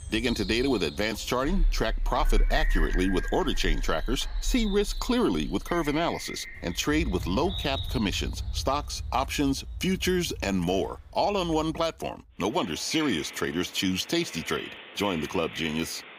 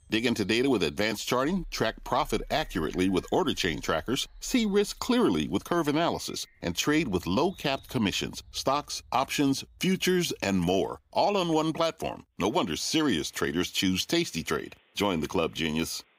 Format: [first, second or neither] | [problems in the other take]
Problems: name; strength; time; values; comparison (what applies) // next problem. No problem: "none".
second | animal sounds; loud; throughout; 8 dB below the speech; faint in the second